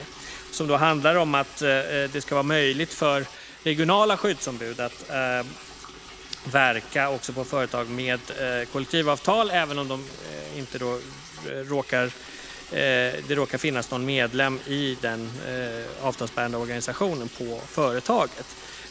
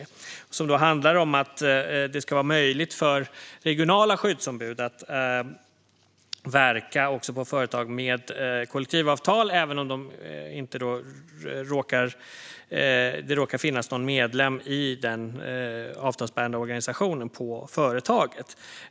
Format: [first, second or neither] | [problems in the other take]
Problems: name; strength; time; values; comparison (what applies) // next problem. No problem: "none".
second | background sound (Liquid); 17 dB below the speech